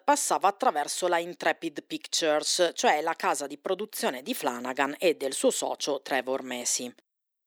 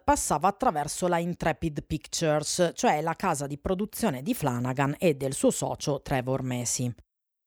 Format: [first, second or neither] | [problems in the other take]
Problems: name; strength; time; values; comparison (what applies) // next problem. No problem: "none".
second | thin; somewhat; fading below 300 Hz